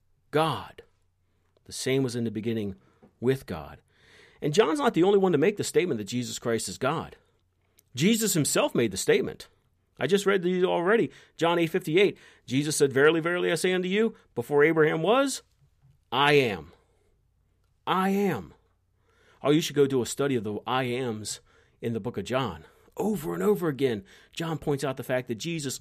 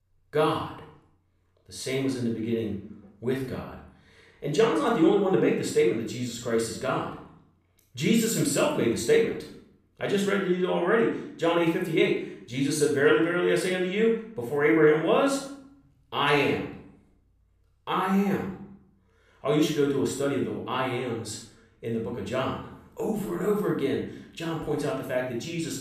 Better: first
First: none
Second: off-mic speech; somewhat distant // room echo; noticeable; dies away in 0.5 s

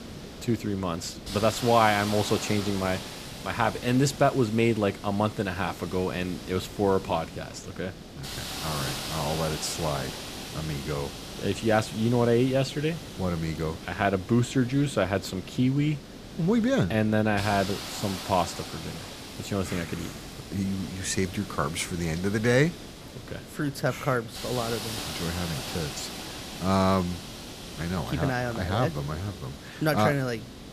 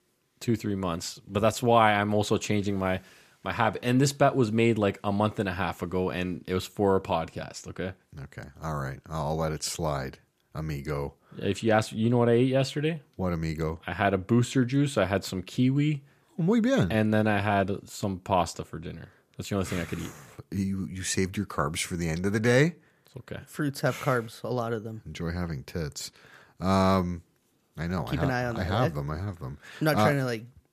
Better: second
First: hiss; noticeable; throughout; 10 dB below the speech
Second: none

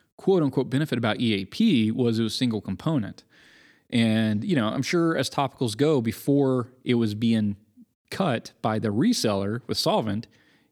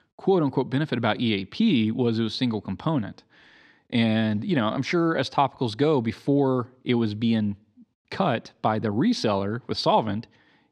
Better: first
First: none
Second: muffled; very slightly; fading above 4 kHz

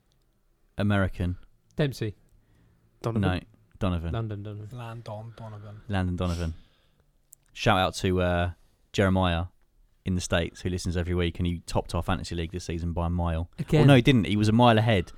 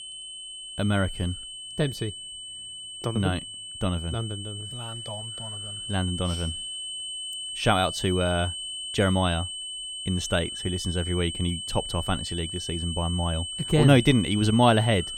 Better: first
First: none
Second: high-pitched whine; loud; throughout; 3 kHz, 7 dB below the speech

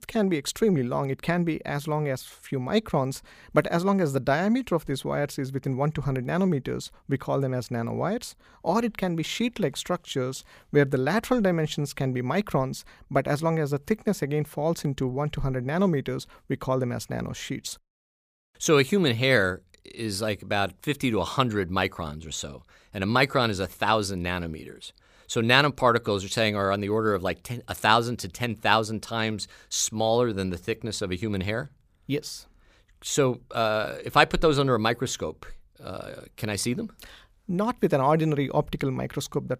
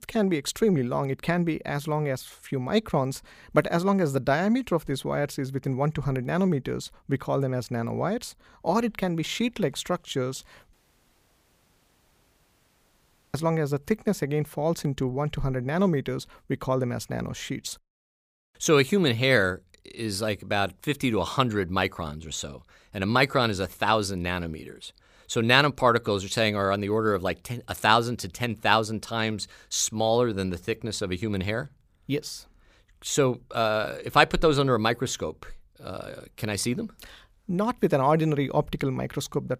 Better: first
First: none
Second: audio cutting out; at 11 s for 2.5 s

